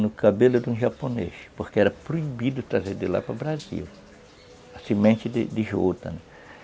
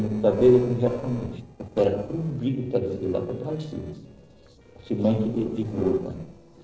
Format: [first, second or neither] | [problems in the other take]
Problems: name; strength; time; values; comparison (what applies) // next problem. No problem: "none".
first | noise reduction (neural separator model SepFormer DNS4)